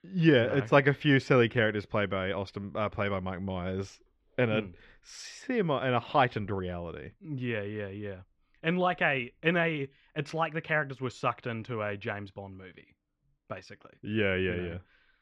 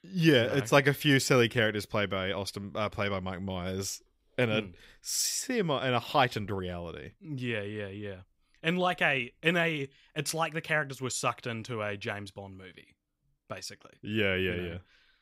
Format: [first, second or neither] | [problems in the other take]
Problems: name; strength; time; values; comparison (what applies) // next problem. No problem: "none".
second | muffled; very; fading above 2.5 kHz